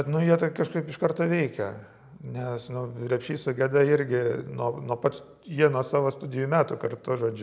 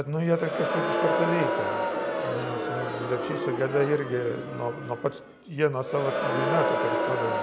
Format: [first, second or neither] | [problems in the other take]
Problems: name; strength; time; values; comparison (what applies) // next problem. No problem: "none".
first | background sound (Crowd); as loud as the speech